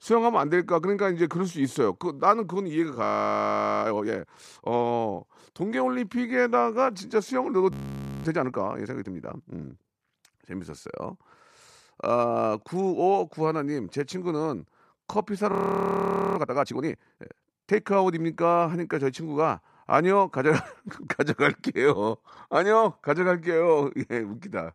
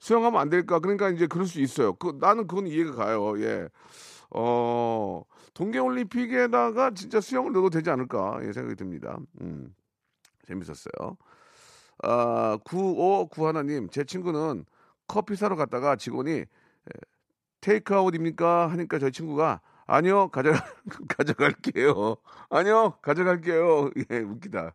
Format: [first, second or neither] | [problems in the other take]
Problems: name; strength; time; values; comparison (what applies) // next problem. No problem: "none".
second | audio freezing; at 3 s for 1 s, at 7.5 s for 0.5 s and at 16 s for 1 s